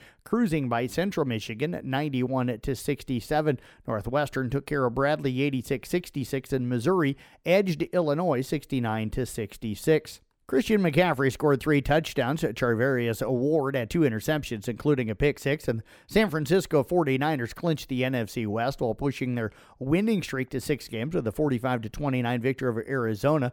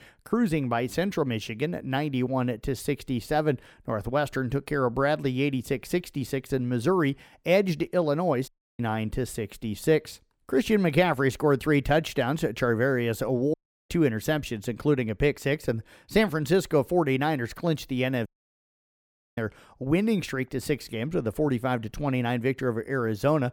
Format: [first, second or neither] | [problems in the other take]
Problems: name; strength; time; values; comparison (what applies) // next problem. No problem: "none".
first | audio cutting out; at 8.5 s, at 14 s and at 18 s for 1 s